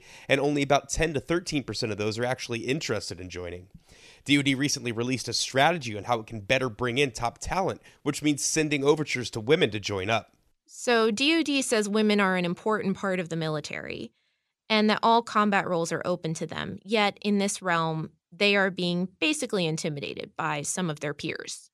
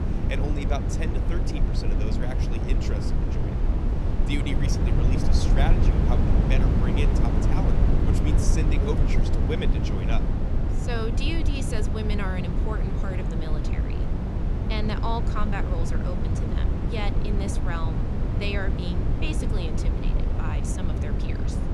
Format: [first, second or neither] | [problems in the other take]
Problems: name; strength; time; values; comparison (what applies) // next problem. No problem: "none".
first | low rumble; loud; throughout; as loud as the speech